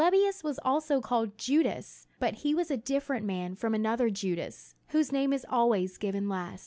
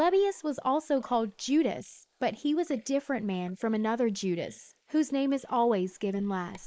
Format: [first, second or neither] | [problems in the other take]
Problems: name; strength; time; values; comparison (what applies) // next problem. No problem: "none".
first | noise reduction (neural mask model Resemble Enhance denoiser)